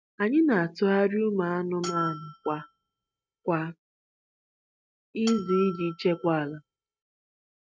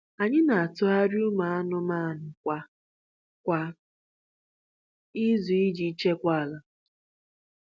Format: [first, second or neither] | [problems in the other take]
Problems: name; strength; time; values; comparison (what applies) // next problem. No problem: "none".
second | noise reduction (neural mask model RNNoise)